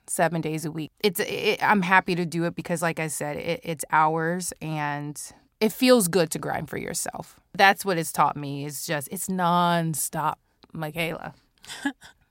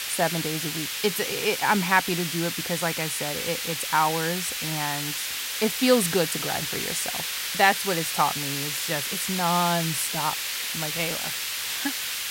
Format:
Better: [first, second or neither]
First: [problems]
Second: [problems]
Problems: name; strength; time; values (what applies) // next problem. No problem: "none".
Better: first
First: none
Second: hiss; loud; throughout; 1 dB below the speech